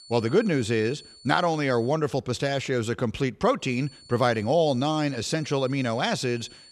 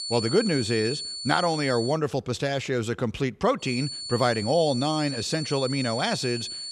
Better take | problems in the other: first | high-pitched whine; loud; until 2 s and from 3.5 s on; 4.5 kHz, 7 dB below the speech; faint in the first

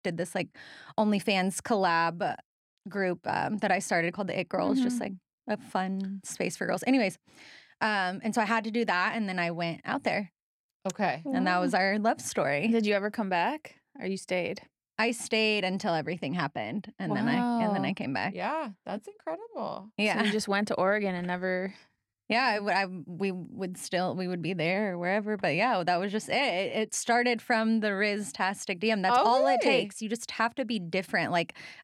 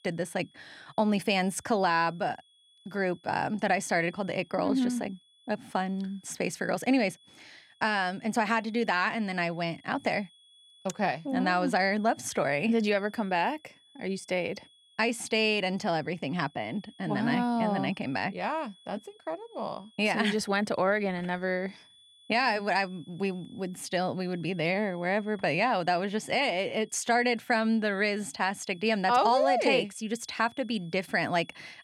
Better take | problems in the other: first | high-pitched whine; faint; throughout; 3.5 kHz, 30 dB below the speech

